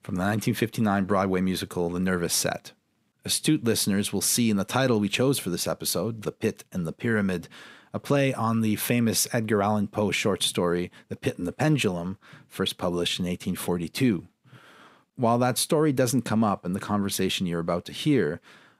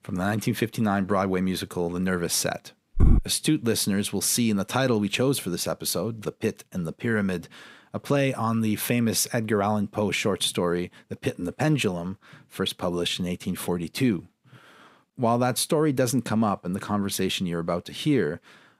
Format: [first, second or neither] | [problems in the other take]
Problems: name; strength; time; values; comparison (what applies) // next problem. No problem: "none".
first | footsteps; loud; at 3 s; peak 3 dB above the speech